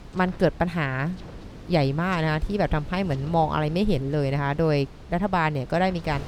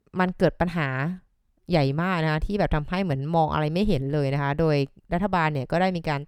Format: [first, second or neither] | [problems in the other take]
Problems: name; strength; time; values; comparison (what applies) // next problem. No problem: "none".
second | wind noise on the microphone; occasional gusts; 20 dB below the speech